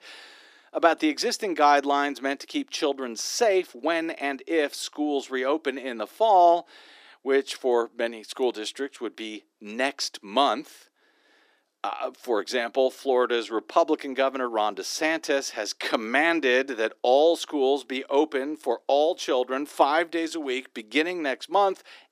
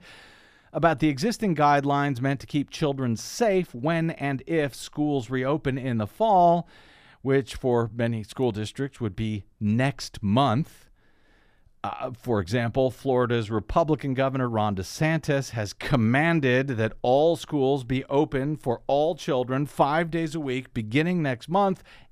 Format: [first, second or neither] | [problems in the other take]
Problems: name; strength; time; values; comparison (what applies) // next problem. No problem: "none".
second | thin; somewhat; fading below 300 Hz